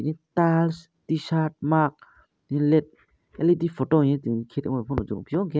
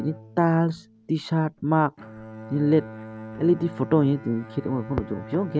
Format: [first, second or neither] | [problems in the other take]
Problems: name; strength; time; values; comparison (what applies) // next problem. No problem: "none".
first | background sound (Bowed string instrument); 16 dB below the speech